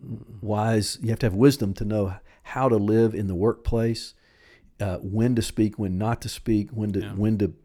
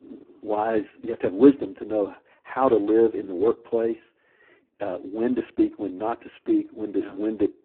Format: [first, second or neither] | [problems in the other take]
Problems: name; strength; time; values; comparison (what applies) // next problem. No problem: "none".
first | phone-call audio; poor line